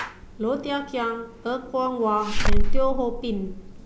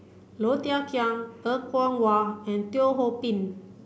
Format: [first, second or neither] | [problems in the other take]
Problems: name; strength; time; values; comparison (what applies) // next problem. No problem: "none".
second | background sound (Slam / Alarm); 4 dB above the speech